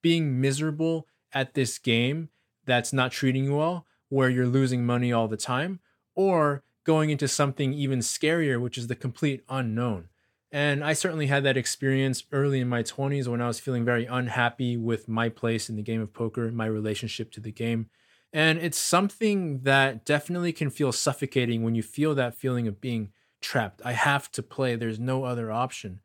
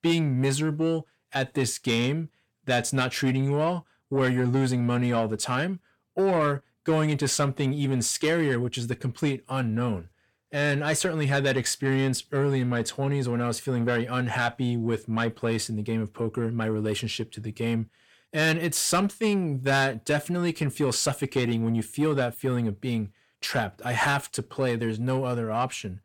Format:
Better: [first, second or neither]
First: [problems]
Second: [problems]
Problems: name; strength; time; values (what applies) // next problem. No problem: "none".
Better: first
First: none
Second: distortion; slight; 10 dB below the speech